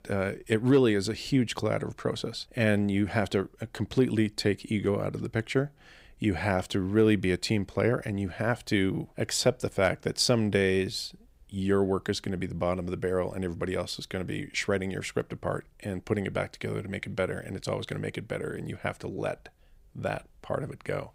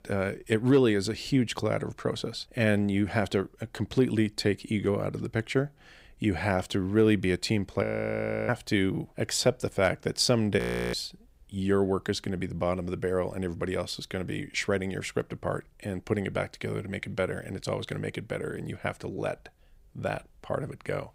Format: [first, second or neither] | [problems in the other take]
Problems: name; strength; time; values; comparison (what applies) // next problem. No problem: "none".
first | audio freezing; at 8 s for 0.5 s and at 11 s